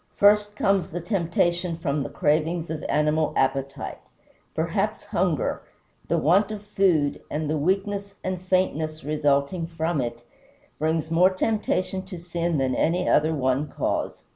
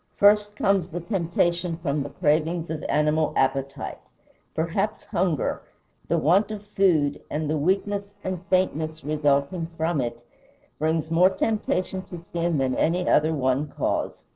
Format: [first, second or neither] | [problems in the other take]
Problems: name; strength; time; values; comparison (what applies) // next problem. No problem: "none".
first | noise reduction (neural separator model SepFormer DNS4)